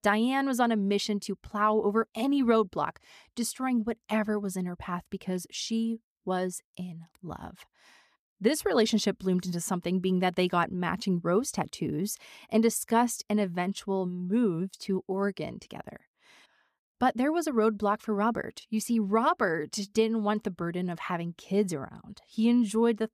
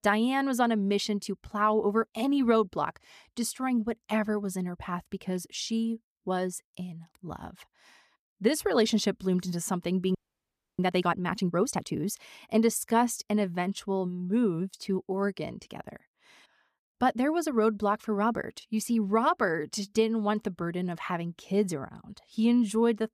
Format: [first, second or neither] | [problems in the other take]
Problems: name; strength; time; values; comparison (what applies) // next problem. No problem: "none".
first | audio freezing; at 10 s for 0.5 s